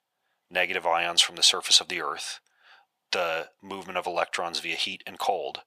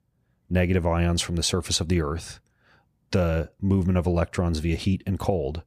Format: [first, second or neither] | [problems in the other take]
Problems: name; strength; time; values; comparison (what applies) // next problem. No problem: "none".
second | thin; very; fading below 850 Hz